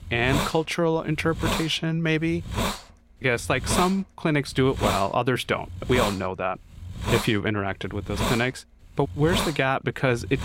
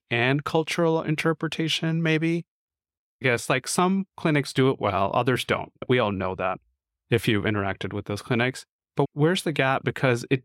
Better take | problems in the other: second | hiss; loud; throughout; 5 dB below the speech

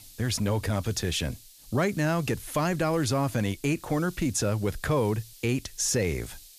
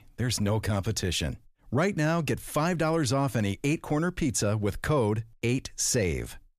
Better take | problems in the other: second | hiss; faint; throughout; 20 dB below the speech

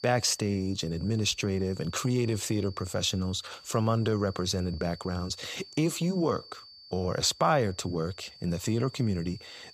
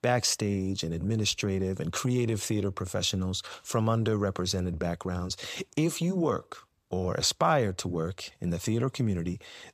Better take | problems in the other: second | high-pitched whine; noticeable; throughout; 4.5 kHz, 20 dB below the speech

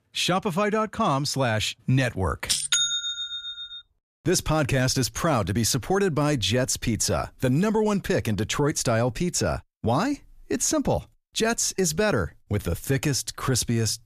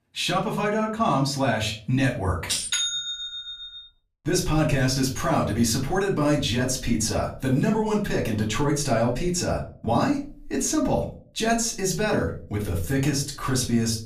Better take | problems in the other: first | off-mic speech; far // room echo; very slight; dies away in 0.3 s

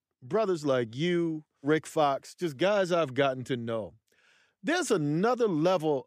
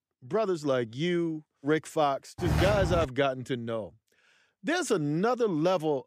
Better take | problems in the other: first | footsteps; loud; at 2.5 s; peak 1 dB above the speech

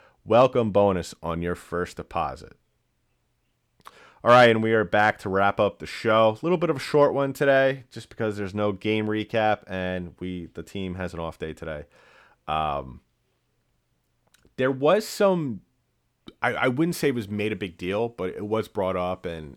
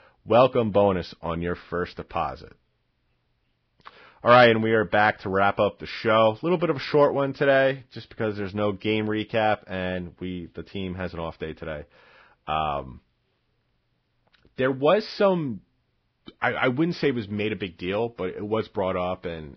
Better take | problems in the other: first | garbled, watery; badly; nothing above 5.5 kHz

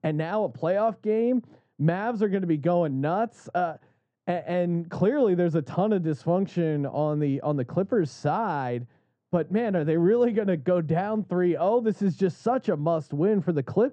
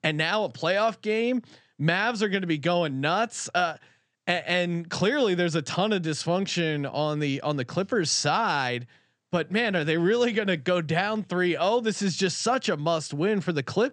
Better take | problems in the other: second | muffled; very; fading above 1.5 kHz

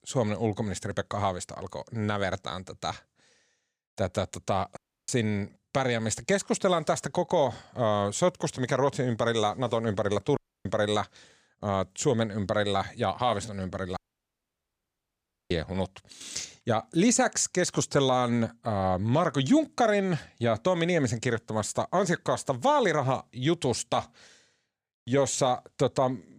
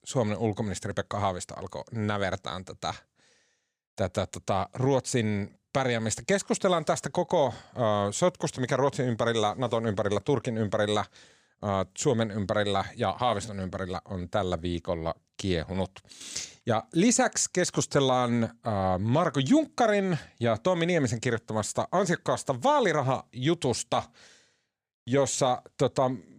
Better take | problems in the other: second | audio cutting out; at 5 s, at 10 s and at 14 s for 1.5 s

